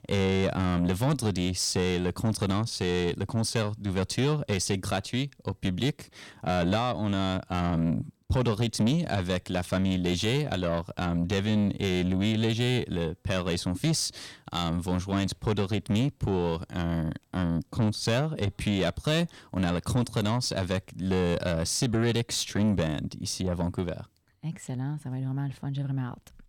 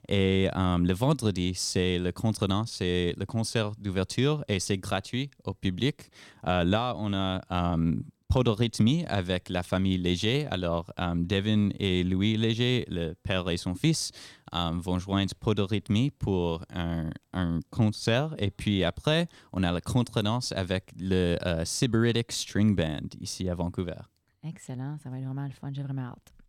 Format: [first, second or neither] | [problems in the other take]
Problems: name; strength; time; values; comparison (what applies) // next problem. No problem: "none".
second | distortion; slight; 10 dB below the speech